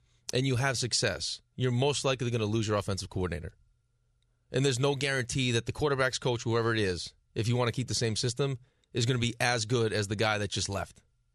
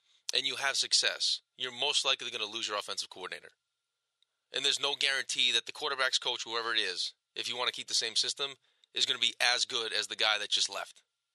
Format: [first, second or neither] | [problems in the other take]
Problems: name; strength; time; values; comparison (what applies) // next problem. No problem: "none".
first | thin; very; fading below 750 Hz